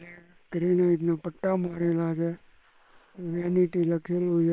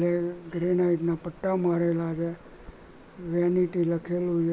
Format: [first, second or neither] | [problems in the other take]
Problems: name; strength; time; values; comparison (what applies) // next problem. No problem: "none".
second | noise reduction (neural separator model SepFormer WHAM!)